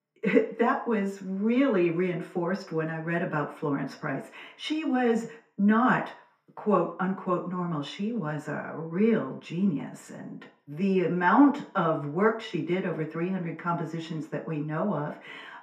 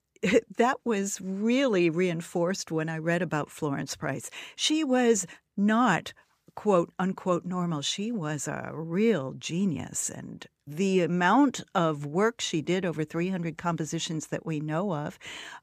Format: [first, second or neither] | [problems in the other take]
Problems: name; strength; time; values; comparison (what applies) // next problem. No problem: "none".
second | room echo; slight; dies away in 0.5 s // off-mic speech; far